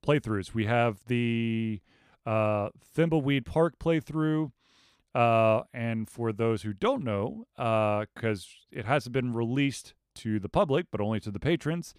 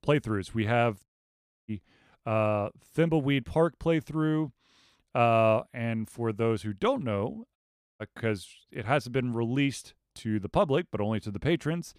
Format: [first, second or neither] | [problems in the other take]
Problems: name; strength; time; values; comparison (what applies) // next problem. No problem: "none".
first | audio cutting out; at 1 s for 0.5 s and at 7.5 s